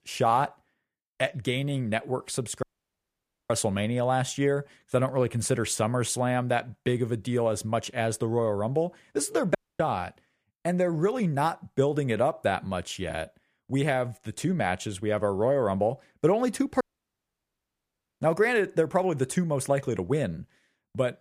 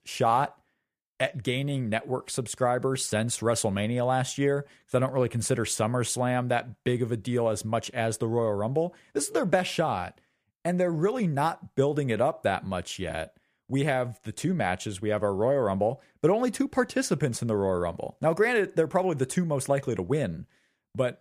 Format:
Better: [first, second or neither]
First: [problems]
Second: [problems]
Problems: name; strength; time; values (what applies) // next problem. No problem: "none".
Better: second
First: audio cutting out; at 2.5 s for 1 s, at 9.5 s and at 17 s for 1.5 s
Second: none